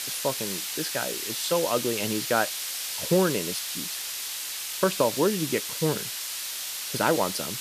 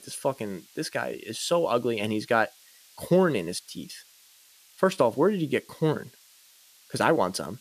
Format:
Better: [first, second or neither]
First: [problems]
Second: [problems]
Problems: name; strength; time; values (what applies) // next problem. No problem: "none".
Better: second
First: hiss; loud; throughout; 2 dB below the speech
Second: hiss; faint; throughout; 25 dB below the speech